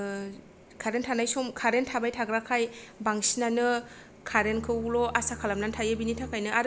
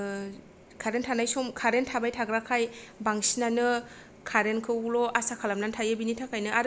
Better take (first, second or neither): second